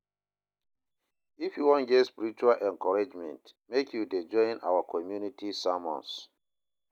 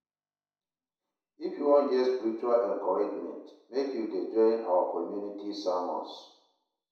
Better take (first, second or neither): first